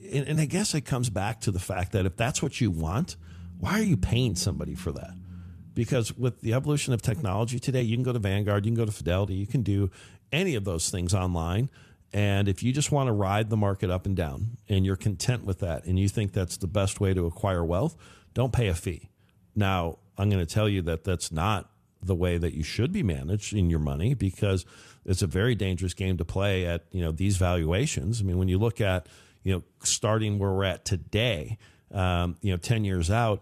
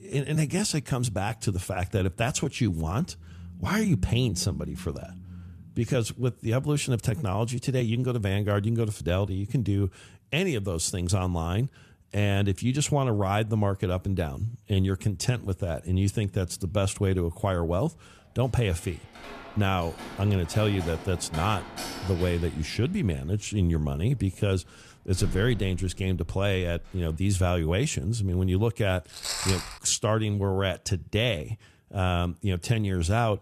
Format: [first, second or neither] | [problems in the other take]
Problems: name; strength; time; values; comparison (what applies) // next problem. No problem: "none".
first | door banging; noticeable; from 19 to 27 s; peak 8 dB below the speech // footsteps; noticeable; at 29 s; peak 1 dB below the speech